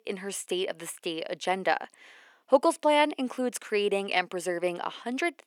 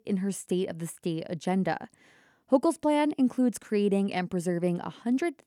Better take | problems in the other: second | thin; somewhat; fading below 500 Hz

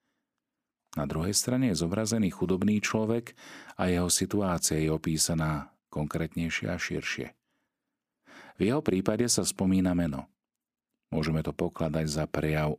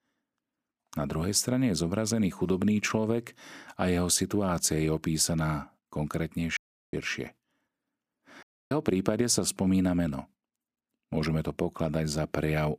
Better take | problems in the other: first | audio cutting out; at 6.5 s and at 8.5 s

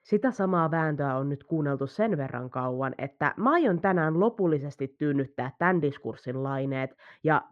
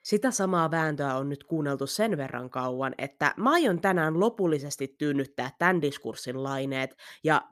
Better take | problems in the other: second | muffled; very; fading above 1.5 kHz

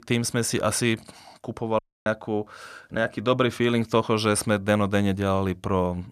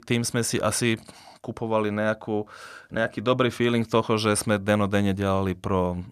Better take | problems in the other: second | audio cutting out; at 2 s

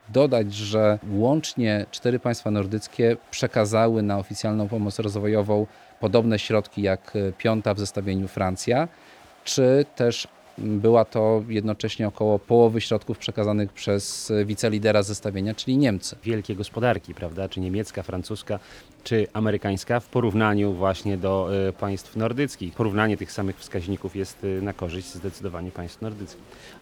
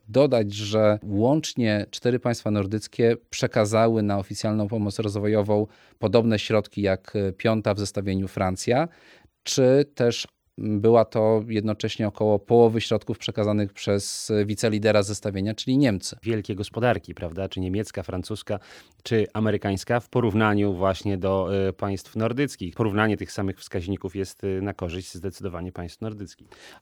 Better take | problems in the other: second | crowd noise; faint; throughout; 25 dB below the speech

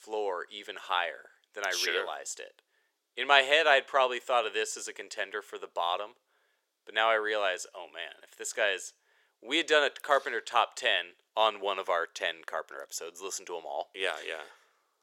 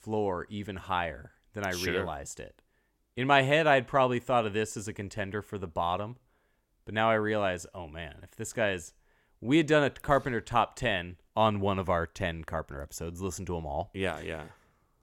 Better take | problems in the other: second | thin; very; fading below 450 Hz

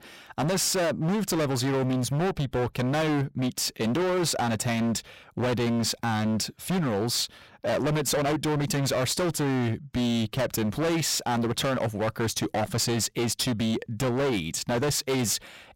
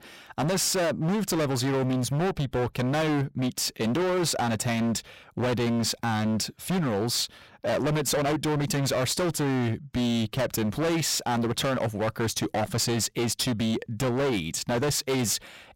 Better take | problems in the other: neither | distortion; heavy; 30% of the sound clipped; the same in both

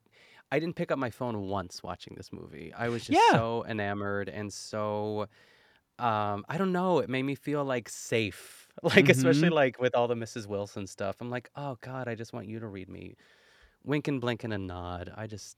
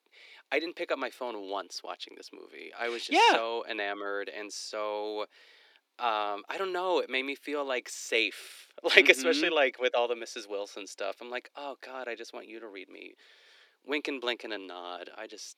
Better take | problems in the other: first | thin; somewhat; fading below 300 Hz

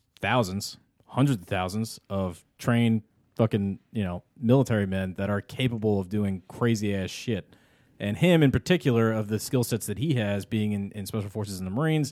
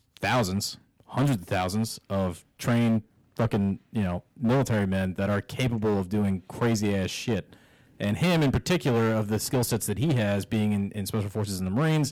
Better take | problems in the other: first | distortion; heavy; 12% of the sound clipped

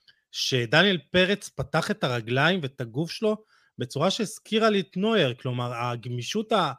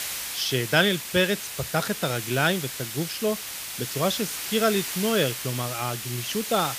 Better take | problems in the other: first | hiss; loud; throughout; 5 dB below the speech

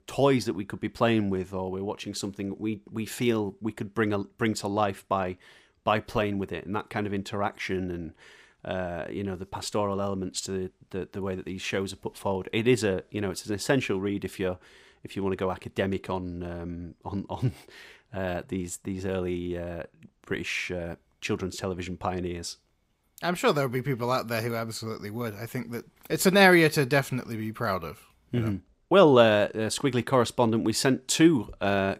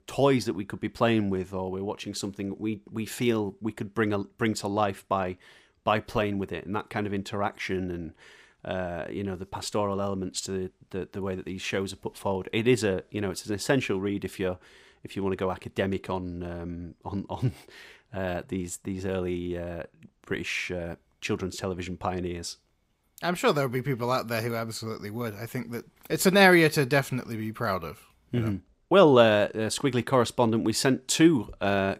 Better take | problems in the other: neither | none

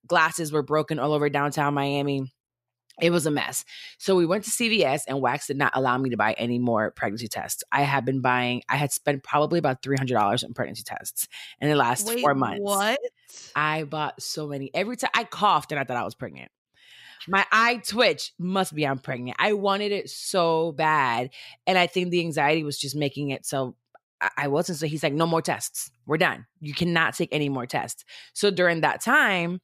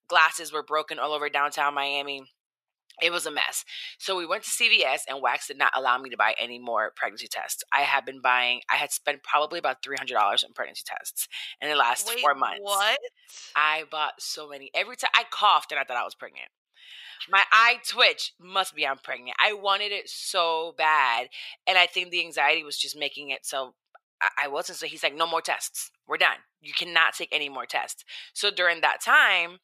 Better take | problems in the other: first | thin; very; fading below 750 Hz

